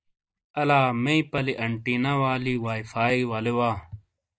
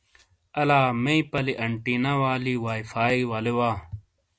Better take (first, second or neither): second